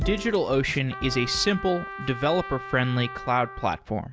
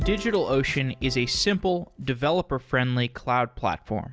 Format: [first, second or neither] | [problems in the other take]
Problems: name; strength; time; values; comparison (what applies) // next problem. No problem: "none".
second | background sound (Trumpet); 13 dB below the speech